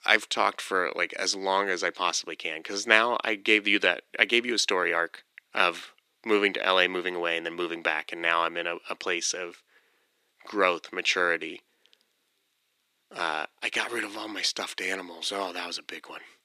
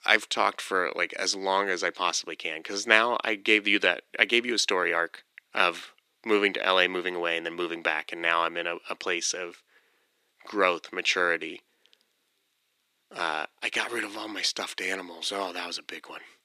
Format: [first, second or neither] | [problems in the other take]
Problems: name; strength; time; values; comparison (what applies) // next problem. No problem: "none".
neither | thin; very; fading below 300 Hz; the same in both